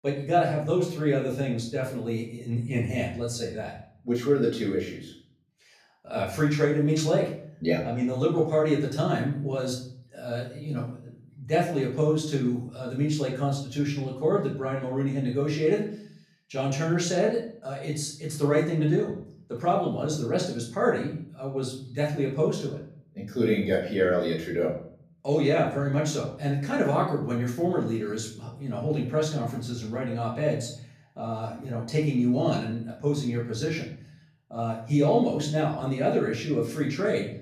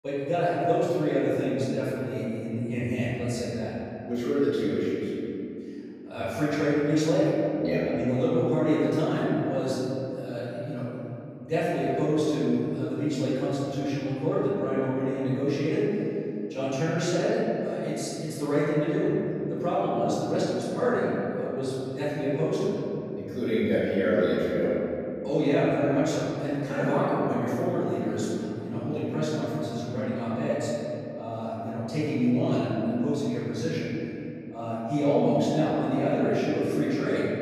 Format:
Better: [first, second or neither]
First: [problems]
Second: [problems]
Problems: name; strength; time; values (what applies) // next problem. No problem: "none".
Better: first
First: room echo; slight; dies away in 0.5 s // off-mic speech; far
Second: room echo; strong; dies away in 3 s // off-mic speech; far